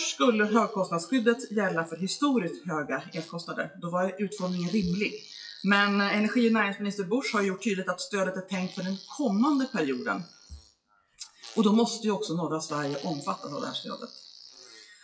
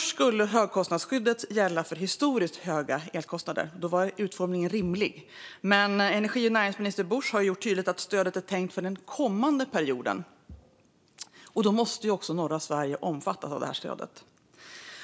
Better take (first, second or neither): second